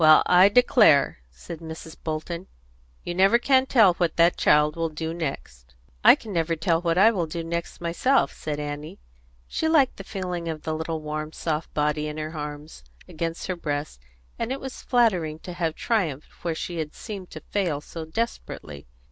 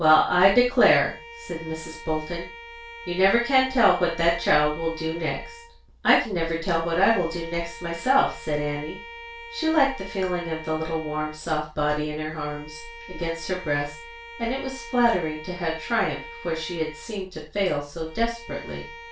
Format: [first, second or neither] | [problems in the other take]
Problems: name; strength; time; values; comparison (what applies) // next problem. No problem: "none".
first | background sound (Bowed string instrument); 17 dB below the speech // room echo; dies away in 0.2 s